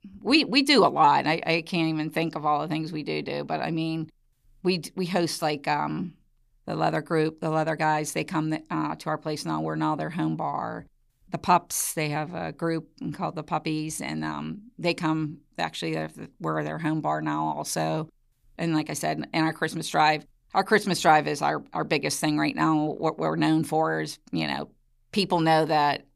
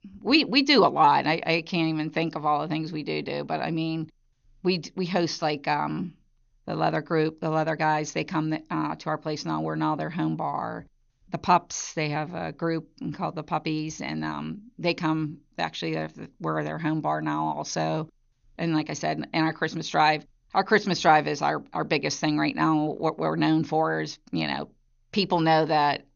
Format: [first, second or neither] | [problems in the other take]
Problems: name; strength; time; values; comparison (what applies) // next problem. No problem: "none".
first | garbled, watery; slightly; nothing above 6.5 kHz